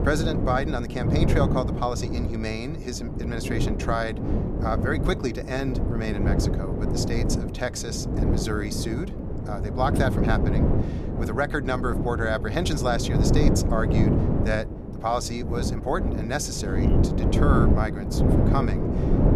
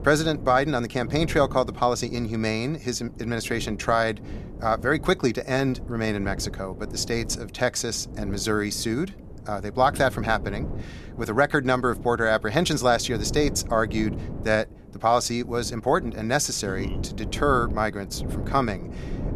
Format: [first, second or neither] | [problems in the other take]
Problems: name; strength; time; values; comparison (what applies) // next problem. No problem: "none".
second | wind noise on the microphone; heavy; 3 dB below the speech; occasional gusts in the second